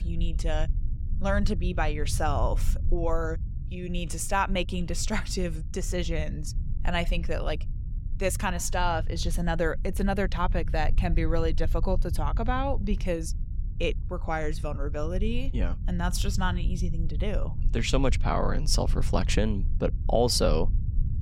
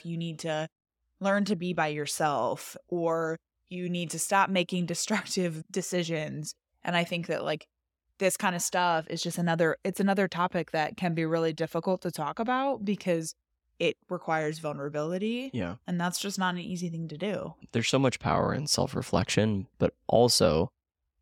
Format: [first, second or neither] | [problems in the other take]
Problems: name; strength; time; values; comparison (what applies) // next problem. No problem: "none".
second | low rumble; noticeable; throughout; 20 dB below the speech